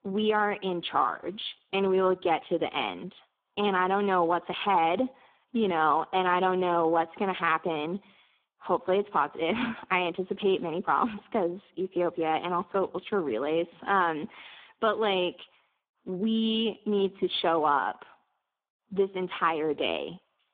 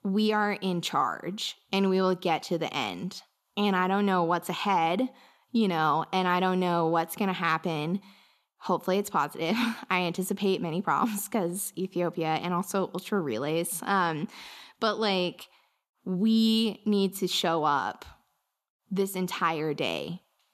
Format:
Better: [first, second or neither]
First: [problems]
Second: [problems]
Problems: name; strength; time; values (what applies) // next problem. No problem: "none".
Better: second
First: phone-call audio; poor line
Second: none